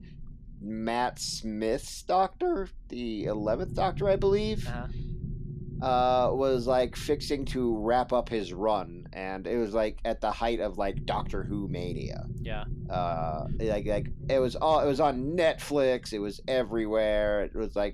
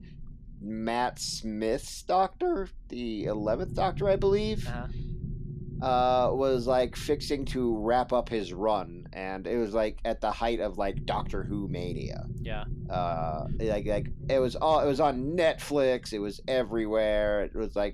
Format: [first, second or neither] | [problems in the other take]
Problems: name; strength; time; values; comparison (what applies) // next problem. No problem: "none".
neither | low rumble; faint; throughout; 20 dB below the speech; the same in both